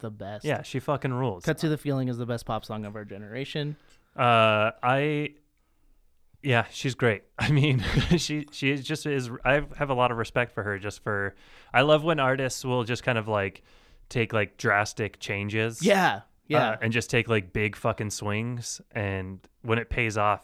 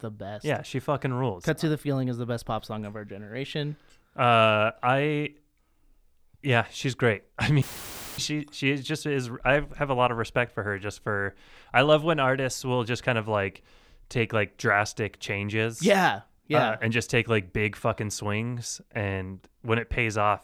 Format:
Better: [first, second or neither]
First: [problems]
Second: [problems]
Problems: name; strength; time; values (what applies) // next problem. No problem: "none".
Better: first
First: none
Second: audio cutting out; filled with static; at 7.5 s for 0.5 s